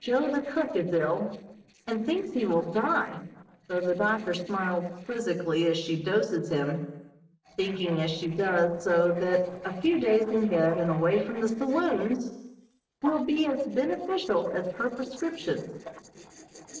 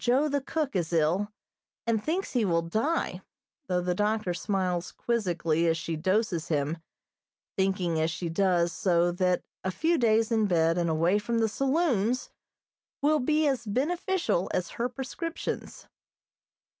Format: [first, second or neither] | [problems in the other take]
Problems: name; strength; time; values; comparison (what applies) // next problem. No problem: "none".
second | noise reduction (neural separator model SepFormer DNS4)